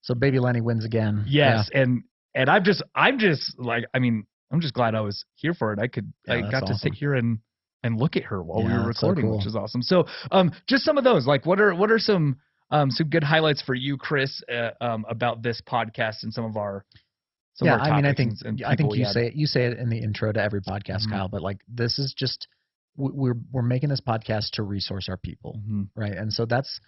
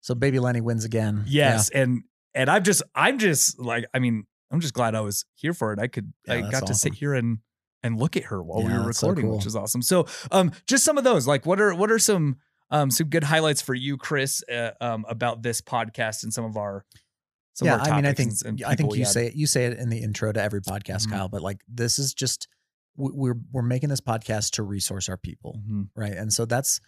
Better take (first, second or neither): second